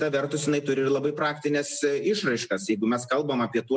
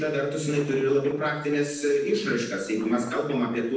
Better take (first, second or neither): first